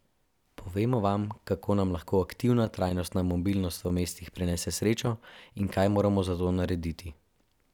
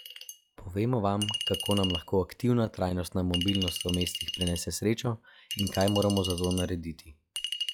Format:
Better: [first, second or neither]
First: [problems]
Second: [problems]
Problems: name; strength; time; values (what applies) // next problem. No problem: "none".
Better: first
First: none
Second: noise reduction (classical method log-MMSE)